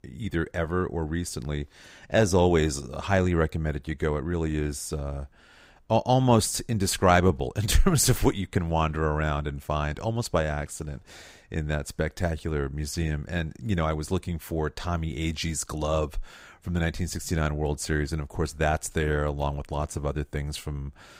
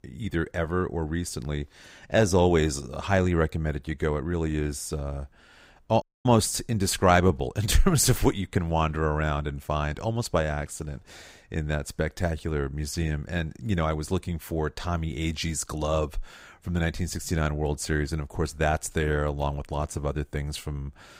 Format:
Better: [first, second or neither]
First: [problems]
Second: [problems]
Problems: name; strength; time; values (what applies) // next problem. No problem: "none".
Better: first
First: none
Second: audio cutting out; at 6 s